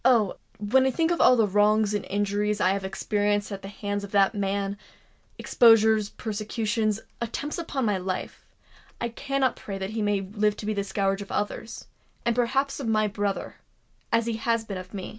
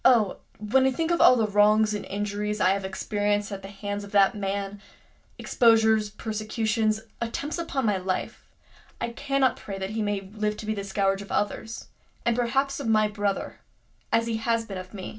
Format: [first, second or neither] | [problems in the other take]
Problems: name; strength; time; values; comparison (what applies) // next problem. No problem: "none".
first | room echo; dies away in 0.2 s